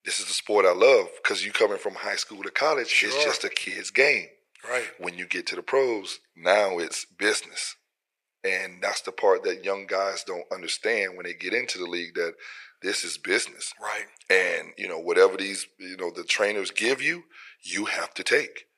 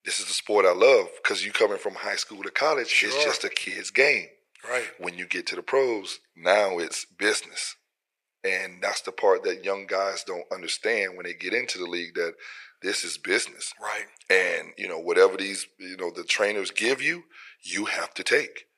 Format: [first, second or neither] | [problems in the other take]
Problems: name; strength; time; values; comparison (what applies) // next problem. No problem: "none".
neither | thin; very; fading below 500 Hz; the same in both